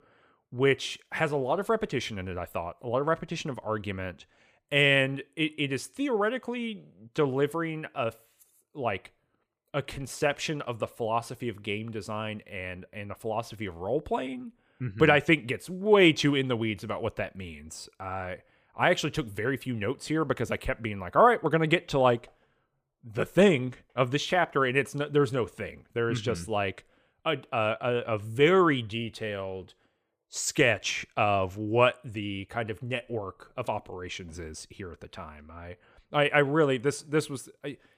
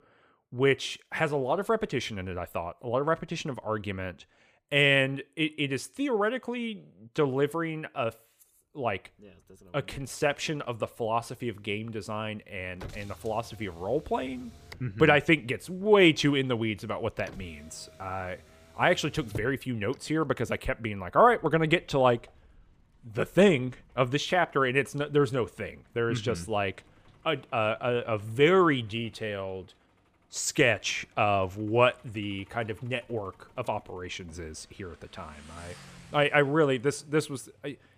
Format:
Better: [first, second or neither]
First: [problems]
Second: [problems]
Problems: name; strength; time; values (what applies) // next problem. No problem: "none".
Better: first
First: none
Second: traffic noise; faint; from 9 s on; 25 dB below the speech